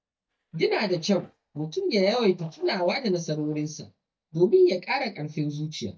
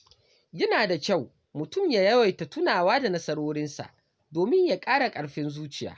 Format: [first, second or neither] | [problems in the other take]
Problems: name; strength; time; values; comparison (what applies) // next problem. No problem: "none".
second | noise reduction (neural mask model DeepFilterNet 3)